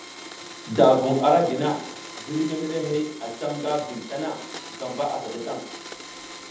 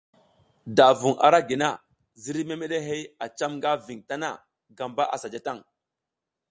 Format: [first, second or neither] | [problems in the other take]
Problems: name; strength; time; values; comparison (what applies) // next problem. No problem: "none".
second | background sound (Domestic sounds, home sounds); 14 dB below the speech // room echo; dies away in 0.8 s